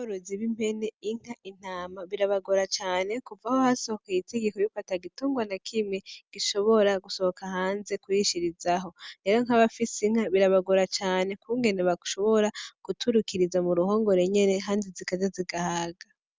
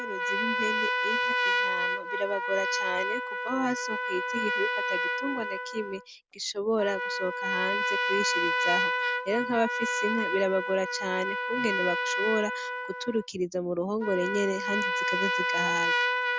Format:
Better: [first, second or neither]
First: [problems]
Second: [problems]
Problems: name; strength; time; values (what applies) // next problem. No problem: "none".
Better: first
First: none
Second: background sound (Trumpet); 2 dB above the speech